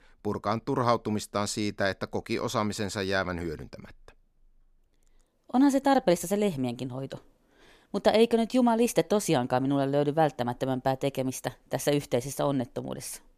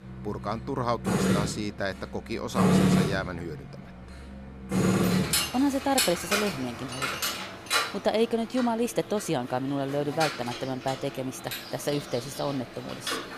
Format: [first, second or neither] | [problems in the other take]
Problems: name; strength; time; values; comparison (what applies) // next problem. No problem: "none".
first | machinery noise; very loud; throughout; 2 dB above the speech